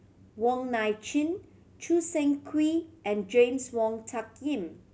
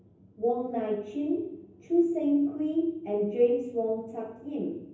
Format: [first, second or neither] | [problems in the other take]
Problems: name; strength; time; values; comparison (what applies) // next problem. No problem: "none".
first | room echo; dies away in 0.9 s